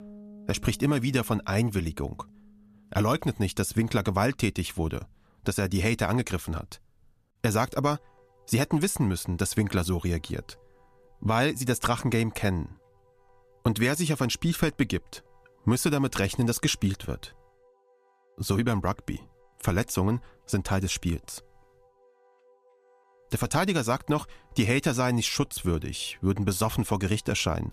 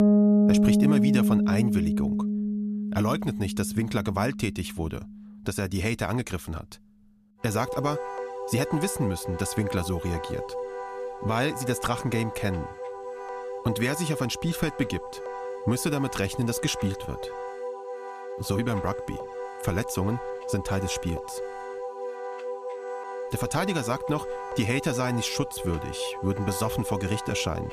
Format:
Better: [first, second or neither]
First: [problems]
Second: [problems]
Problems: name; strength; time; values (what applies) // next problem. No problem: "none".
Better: first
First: background music; faint; throughout; 30 dB below the speech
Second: background music; loud; throughout; 1 dB below the speech